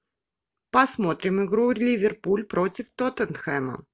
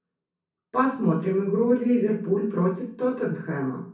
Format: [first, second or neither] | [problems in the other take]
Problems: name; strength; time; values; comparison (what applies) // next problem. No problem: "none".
first | room echo; dies away in 0.6 s